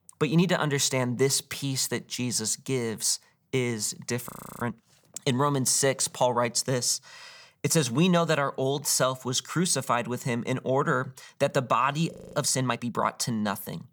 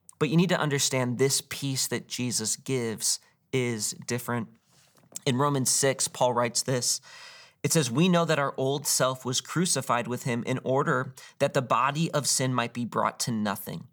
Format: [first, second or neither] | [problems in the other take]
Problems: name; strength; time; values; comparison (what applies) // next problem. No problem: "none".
second | audio freezing; at 4.5 s and at 12 s